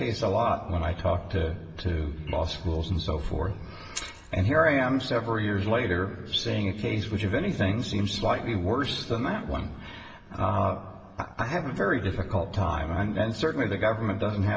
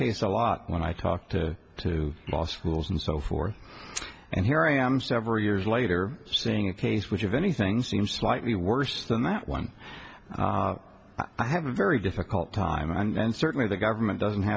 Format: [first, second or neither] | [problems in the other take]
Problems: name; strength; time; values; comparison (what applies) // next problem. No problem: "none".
second | room echo; dies away in 2.1 s